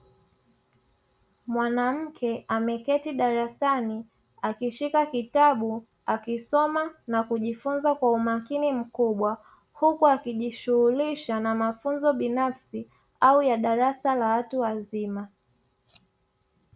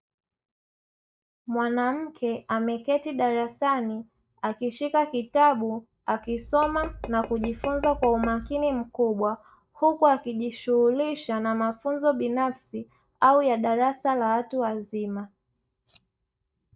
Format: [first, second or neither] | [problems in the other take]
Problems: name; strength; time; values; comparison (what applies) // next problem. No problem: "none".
first | noise reduction (neural mask model DeepFilterNet 3)